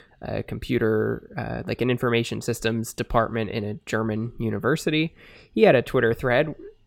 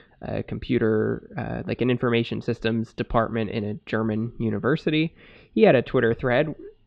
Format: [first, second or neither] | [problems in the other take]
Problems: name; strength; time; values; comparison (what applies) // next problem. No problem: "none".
first | muffled; slightly; fading above 3.5 kHz